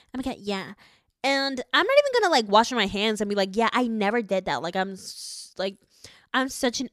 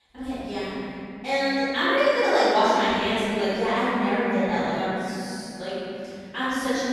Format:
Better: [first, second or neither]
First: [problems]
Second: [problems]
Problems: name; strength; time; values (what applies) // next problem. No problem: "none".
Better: first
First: none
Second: off-mic speech; far // room echo; strong; dies away in 3 s